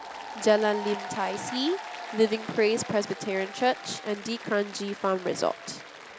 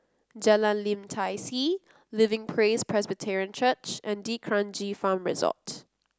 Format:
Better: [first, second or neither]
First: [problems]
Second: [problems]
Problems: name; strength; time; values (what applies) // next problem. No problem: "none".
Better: second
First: background sound (Applause); 11 dB below the speech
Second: none